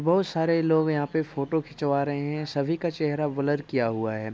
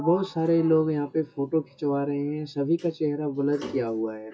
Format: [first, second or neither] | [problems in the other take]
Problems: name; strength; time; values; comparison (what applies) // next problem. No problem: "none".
first | noise reduction (classical method WPE with log-MMSE)